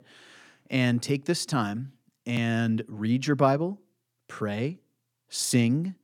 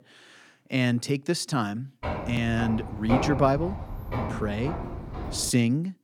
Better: first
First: none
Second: footsteps; noticeable; from 2 to 5.5 s; peak 1 dB below the speech

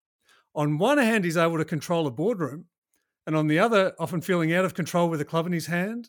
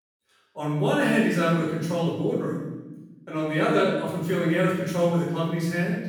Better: first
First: none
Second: room echo; strong; dies away in 1 s // off-mic speech; far

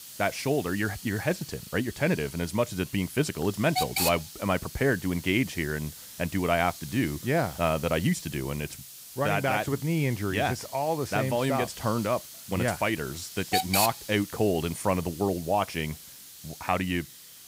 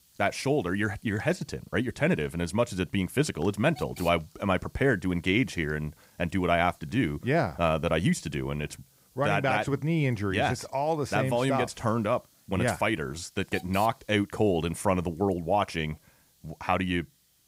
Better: second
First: hiss; loud; throughout; 9 dB below the speech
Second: hiss; faint; throughout; 25 dB below the speech

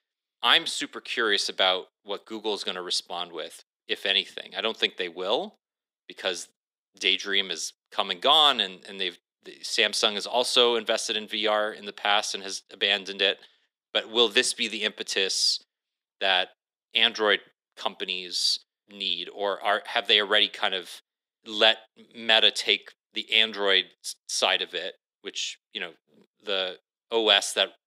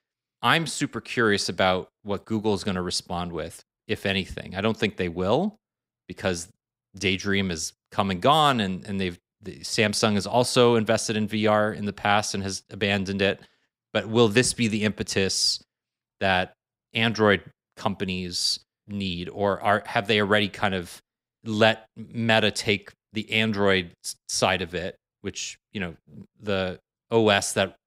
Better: second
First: thin; somewhat; fading below 350 Hz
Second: none

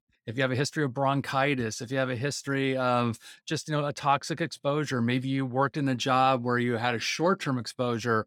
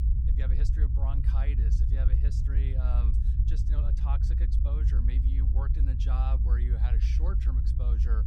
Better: first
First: none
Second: low rumble; loud; throughout; as loud as the speech

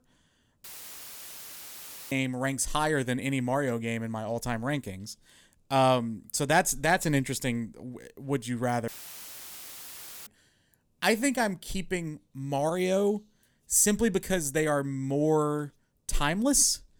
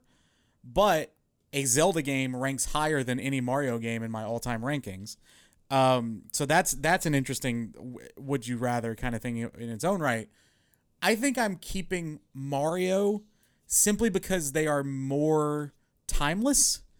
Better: second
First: audio cutting out; filled with static; at 0.5 s for 1.5 s and at 9 s for 1.5 s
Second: none

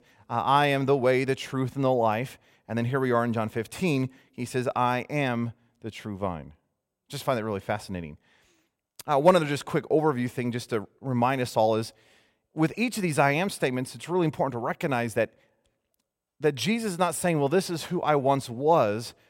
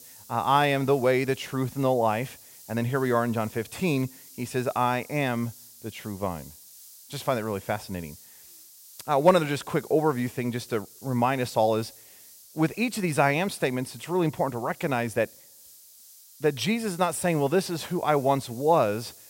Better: first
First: none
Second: hiss; faint; throughout; 20 dB below the speech

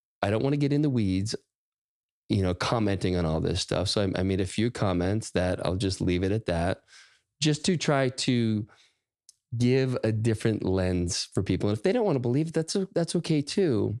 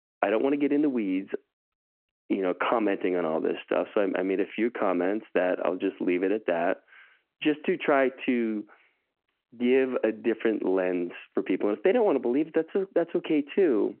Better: first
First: none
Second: phone-call audio

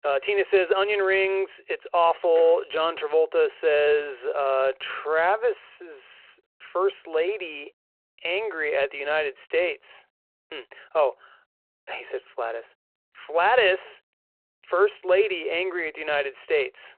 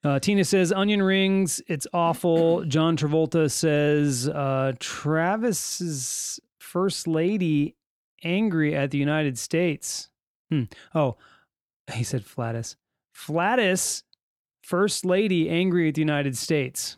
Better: second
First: phone-call audio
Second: none

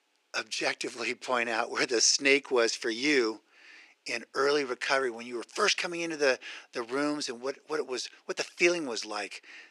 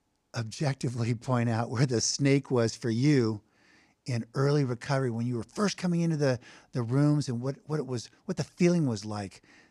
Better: second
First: thin; very; fading below 350 Hz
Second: none

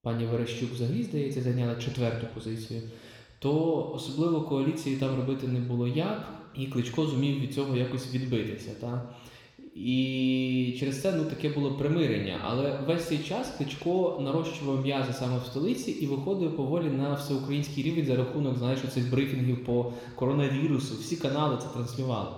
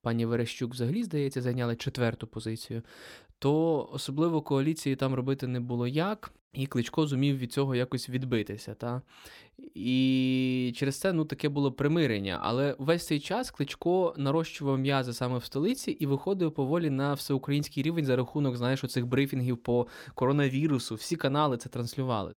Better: second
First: room echo; noticeable; dies away in 1.1 s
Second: none

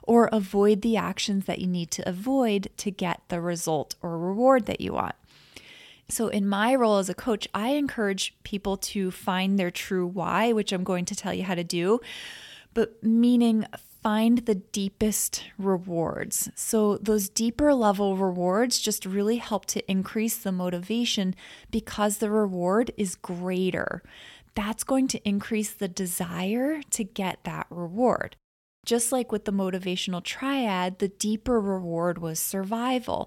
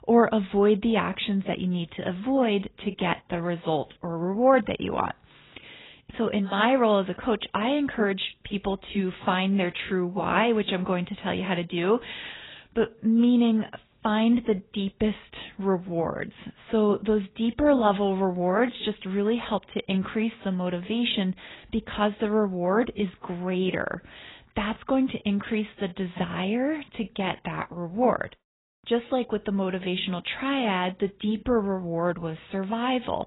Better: first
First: none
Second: garbled, watery; badly; nothing above 4 kHz

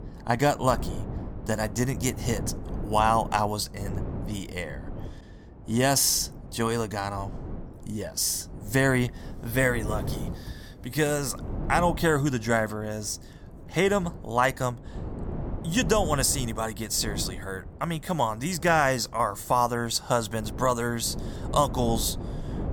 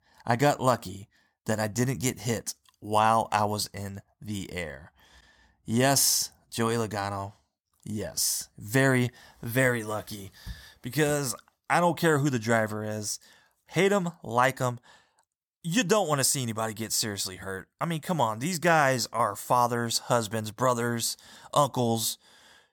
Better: second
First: wind noise on the microphone; occasional gusts; 20 dB below the speech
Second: none

